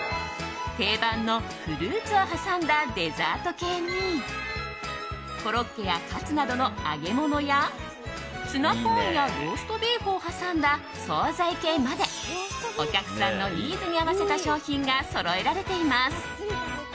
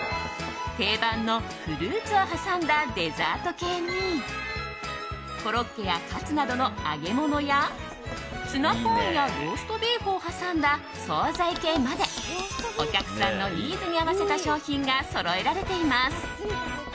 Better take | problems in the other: first | background sound (Knock); 18 dB below the speech

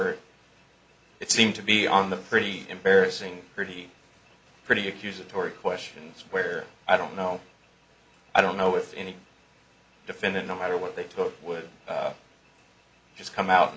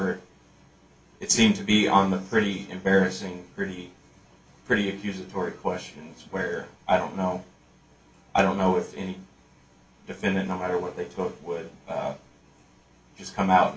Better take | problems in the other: first | room echo; dies away in 0.2 s

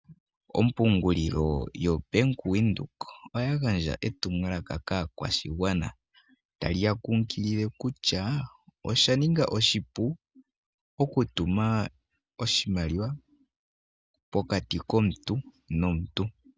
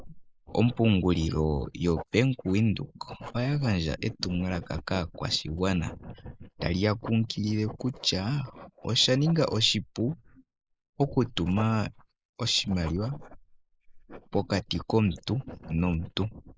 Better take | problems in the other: first | noise reduction (neural mask model Resemble Enhance denoiser)

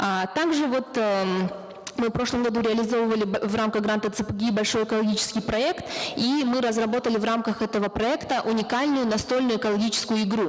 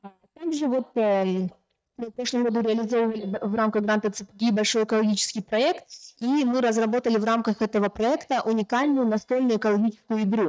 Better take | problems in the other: first | noise reduction (neural mask model DeepFilterNet 3)

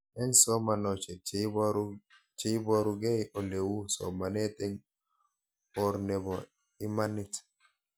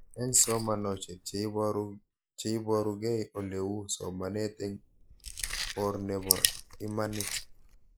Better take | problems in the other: first | noise reduction (neural mask model Resemble Enhance denoiser)

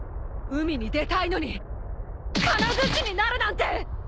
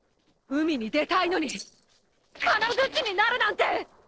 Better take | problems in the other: first | noise reduction (neural separator model SepFormer DNS4)

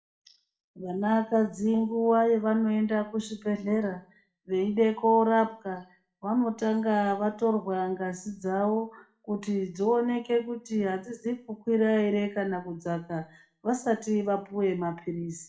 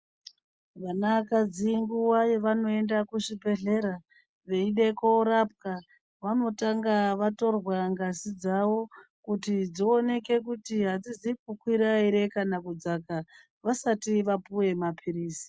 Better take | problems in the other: second | room echo; dies away in 0.4 s

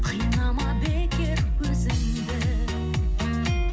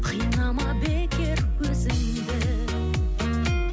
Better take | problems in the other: second | room echo; dies away in 0.5 s

